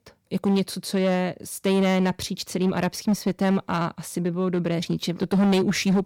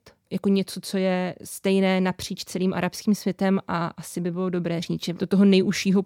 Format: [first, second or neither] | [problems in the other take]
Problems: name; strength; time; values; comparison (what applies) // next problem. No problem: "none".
second | distortion; slight; 9% of the sound clipped